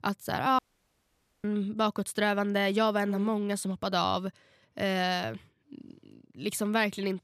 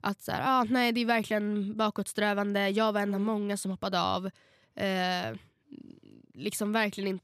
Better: second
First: audio cutting out; at 0.5 s for 1 s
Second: none

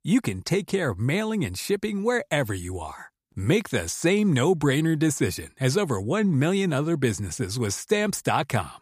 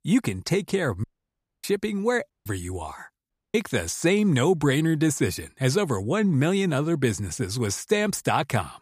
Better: first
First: none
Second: audio cutting out; at 1 s for 0.5 s, at 2.5 s and at 3.5 s

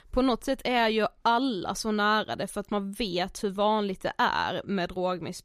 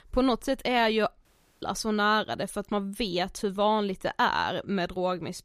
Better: first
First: none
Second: audio cutting out; at 1.5 s

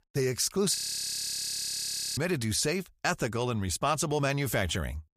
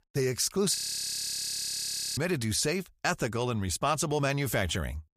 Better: neither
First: audio freezing; at 1 s for 1.5 s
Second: audio freezing; at 1 s for 1.5 s

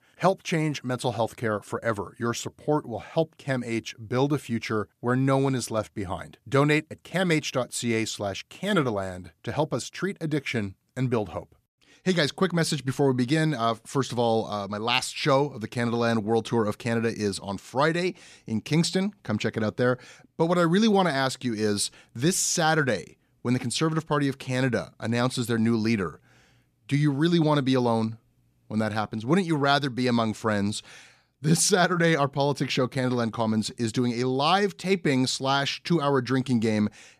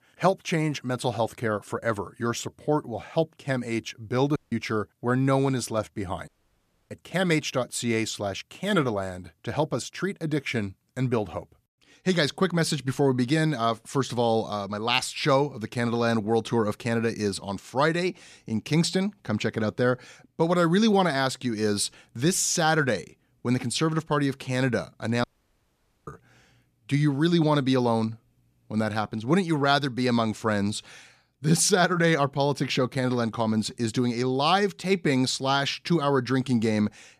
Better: first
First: none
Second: audio cutting out; at 4.5 s, at 6.5 s for 0.5 s and at 25 s for 1 s

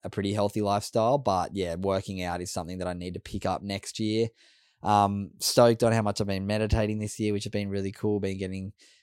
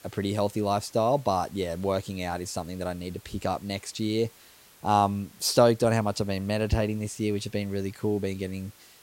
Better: first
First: none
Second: hiss; faint; throughout; 25 dB below the speech

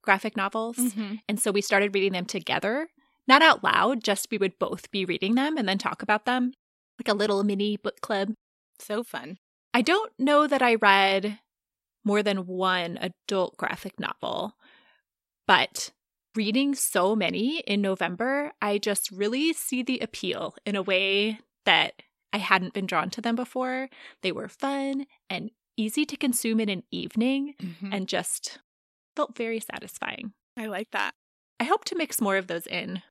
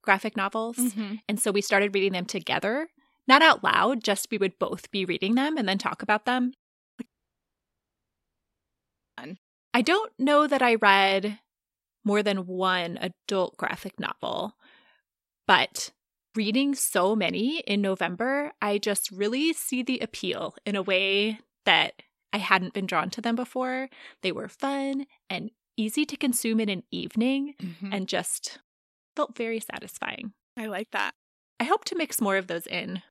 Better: first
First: none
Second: audio cutting out; at 7 s for 2 s

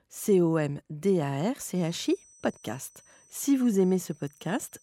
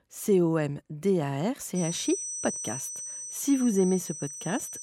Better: first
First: high-pitched whine; faint; from 2 s on; 6 kHz, 30 dB below the speech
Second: high-pitched whine; loud; from 2 s on; 6 kHz, 6 dB below the speech

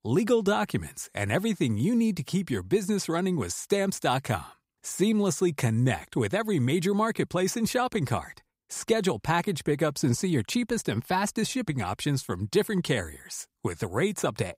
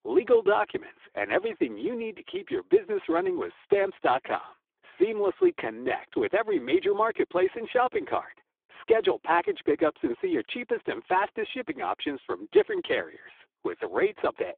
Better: first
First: none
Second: phone-call audio; poor line

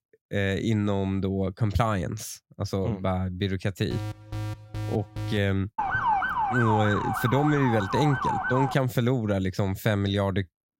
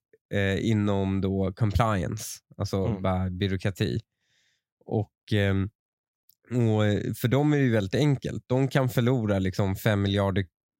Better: second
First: alarm; noticeable; from 4 to 5.5 s; peak 8 dB below the speech // siren; loud; from 6 to 8.5 s; peak 3 dB above the speech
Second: none

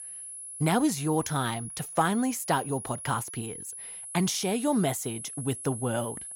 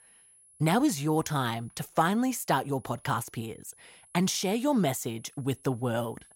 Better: second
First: high-pitched whine; loud; throughout; 10.5 kHz, 9 dB below the speech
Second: high-pitched whine; faint; throughout; 10.5 kHz, 25 dB below the speech

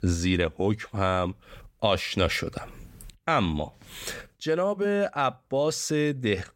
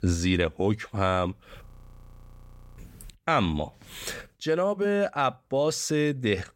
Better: first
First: none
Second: audio freezing; at 1.5 s for 1 s

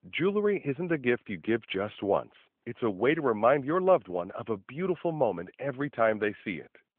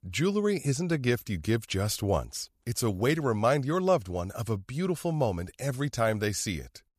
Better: second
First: phone-call audio; nothing above 3.5 kHz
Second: none

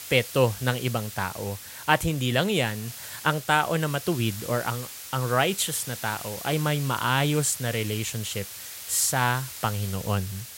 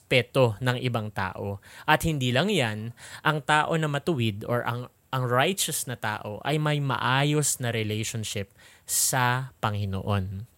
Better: second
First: hiss; noticeable; throughout; 10 dB below the speech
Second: none

